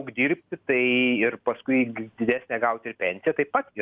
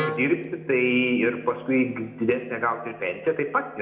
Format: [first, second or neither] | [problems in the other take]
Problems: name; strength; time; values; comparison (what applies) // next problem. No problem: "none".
first | background sound (Wind instrument, woodwind instrument); 13 dB below the speech // room echo; dies away in 0.6 s